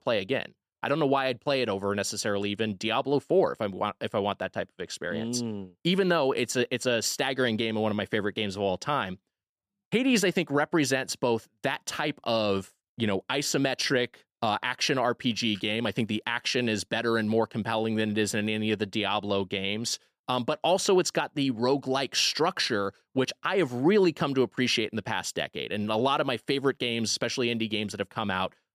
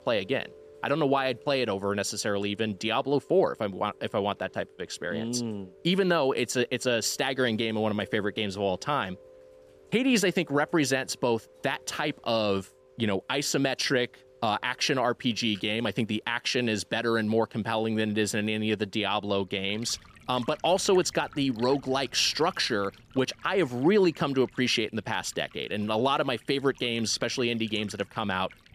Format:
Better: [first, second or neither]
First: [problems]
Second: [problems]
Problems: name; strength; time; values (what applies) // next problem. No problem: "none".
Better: first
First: none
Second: rain or running water; faint; throughout; 25 dB below the speech